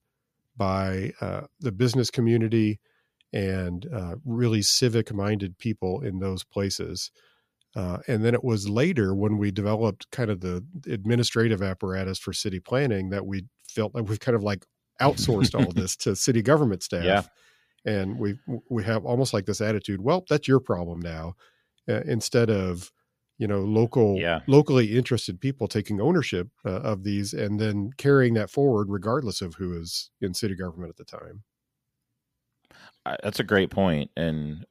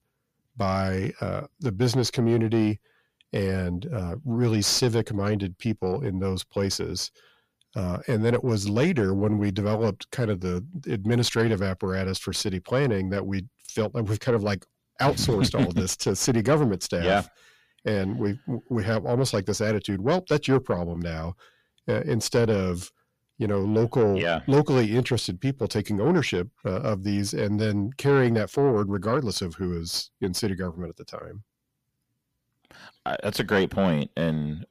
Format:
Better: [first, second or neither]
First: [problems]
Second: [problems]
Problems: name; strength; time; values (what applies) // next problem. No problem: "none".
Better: first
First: none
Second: distortion; slight; 9 dB below the speech